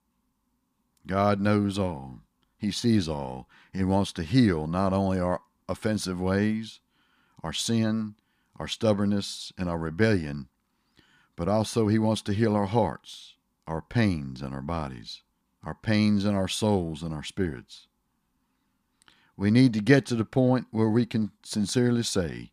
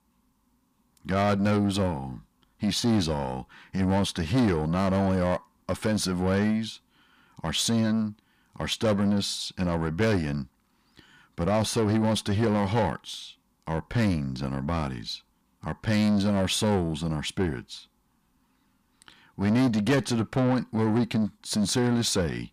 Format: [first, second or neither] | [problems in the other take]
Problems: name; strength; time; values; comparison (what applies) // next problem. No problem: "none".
first | distortion; heavy; 8 dB below the speech